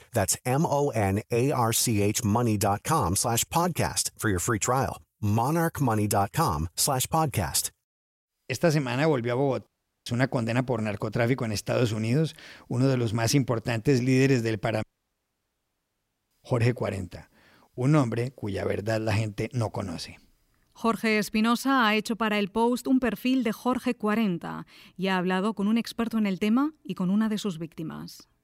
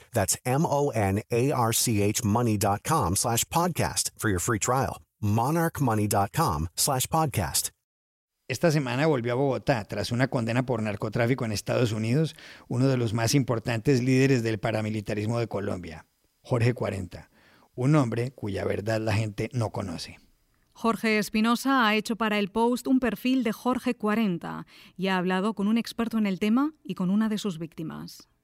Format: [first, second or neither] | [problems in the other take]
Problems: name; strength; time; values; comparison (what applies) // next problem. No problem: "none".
second | audio cutting out; at 9.5 s and at 15 s for 1.5 s